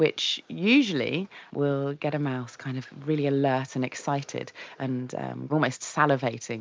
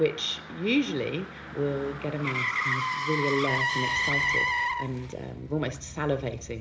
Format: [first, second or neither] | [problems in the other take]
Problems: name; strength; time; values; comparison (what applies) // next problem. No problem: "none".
first | background sound (Motor vehicle (road)); as loud as the speech // room echo; dies away in 0.9 s